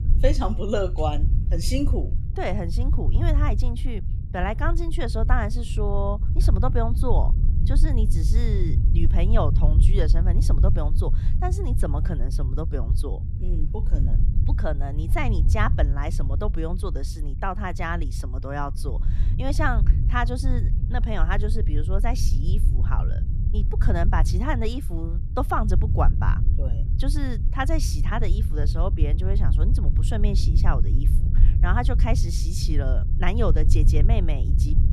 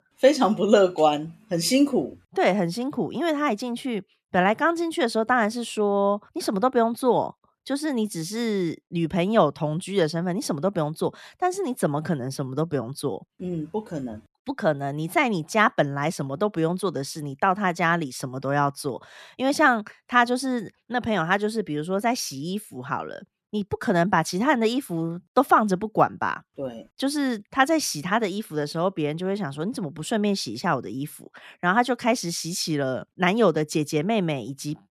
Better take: second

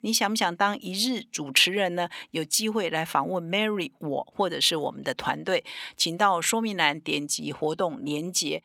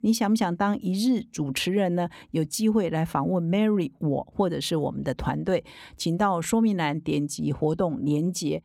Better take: second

